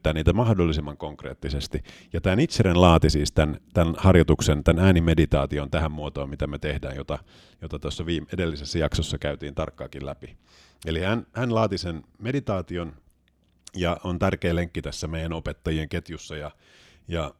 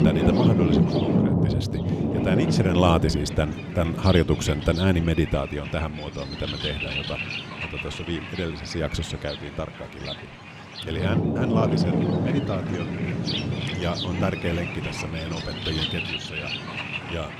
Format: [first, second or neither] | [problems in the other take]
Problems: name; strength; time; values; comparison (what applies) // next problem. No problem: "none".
first | rain or running water; very loud; throughout; as loud as the speech